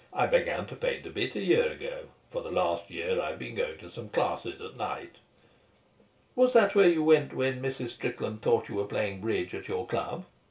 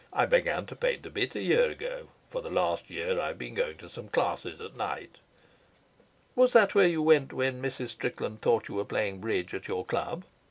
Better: second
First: room echo; dies away in 0.3 s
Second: none

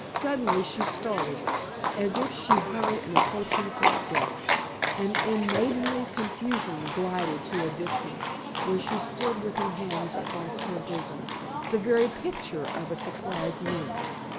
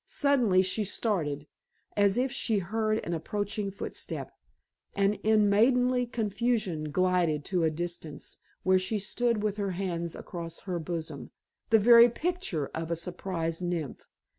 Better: second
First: background sound (Livestock, farm animals, working animals); 1 dB above the speech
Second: none

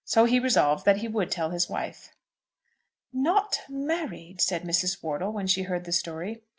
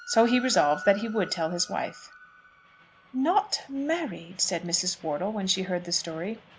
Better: first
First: none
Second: background sound (Train); 18 dB below the speech

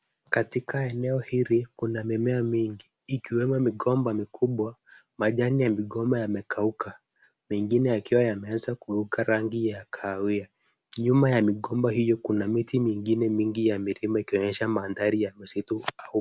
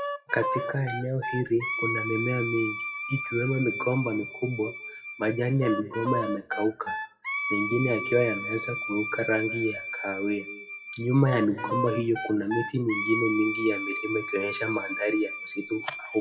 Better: first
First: none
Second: noise reduction (classical method WPE with log-MMSE)

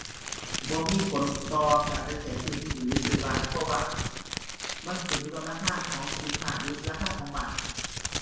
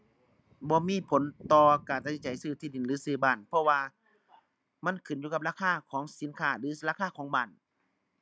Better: second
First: background sound (Crumpling, crinkling); 1 dB below the speech // room echo; dies away in 1 s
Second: none

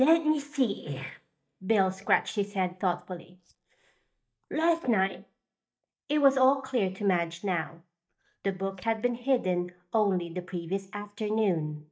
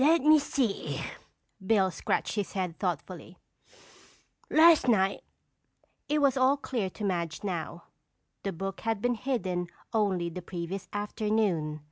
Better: second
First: noise reduction (neural mask model DeepFilterNet 3)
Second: none

